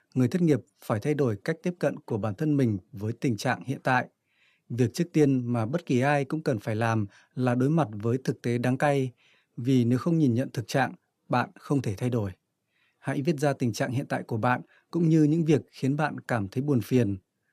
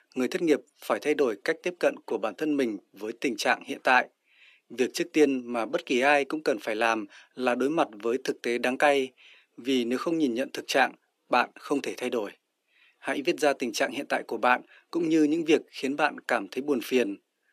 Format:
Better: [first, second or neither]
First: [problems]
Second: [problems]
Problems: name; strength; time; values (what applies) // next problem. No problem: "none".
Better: first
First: none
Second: thin; somewhat; fading below 300 Hz